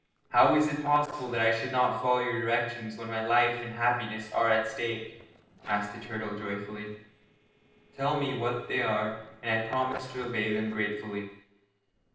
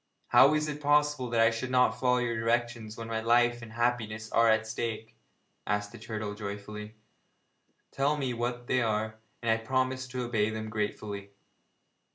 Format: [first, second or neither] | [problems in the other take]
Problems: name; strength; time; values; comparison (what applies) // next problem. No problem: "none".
second | noise reduction (neural separator model SepFormer DNS4)